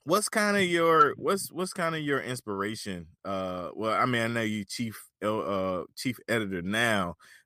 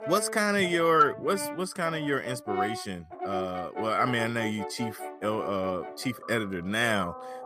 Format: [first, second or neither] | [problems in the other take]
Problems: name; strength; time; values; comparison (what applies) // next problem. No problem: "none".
first | background music; noticeable; throughout; 10 dB below the speech